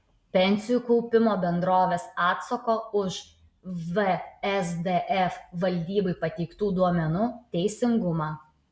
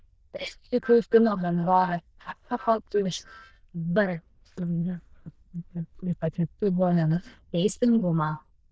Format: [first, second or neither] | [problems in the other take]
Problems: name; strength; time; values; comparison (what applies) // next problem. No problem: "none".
first | noise reduction (neural diffusion model UNIVERSE++)